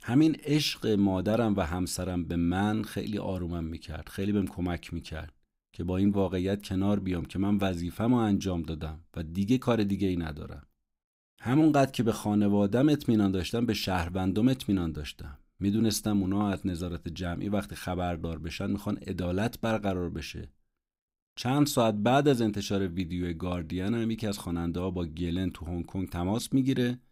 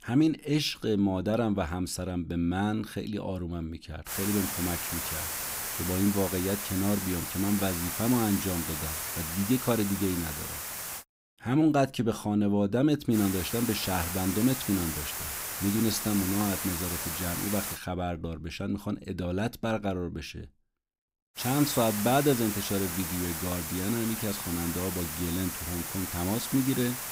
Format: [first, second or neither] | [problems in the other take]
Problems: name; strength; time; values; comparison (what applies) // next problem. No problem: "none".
first | hiss; loud; from 4 to 11 s, from 13 to 18 s and from 21 s on; 3 dB below the speech